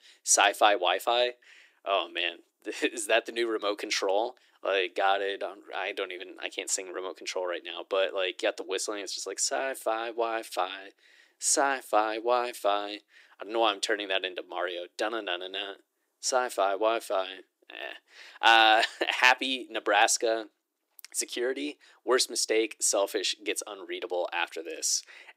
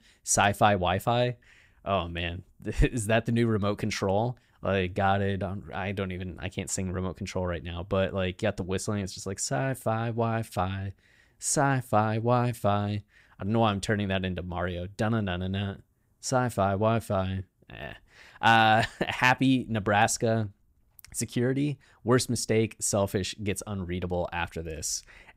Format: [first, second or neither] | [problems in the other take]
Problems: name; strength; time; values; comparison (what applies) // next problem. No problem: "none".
second | thin; very; fading below 300 Hz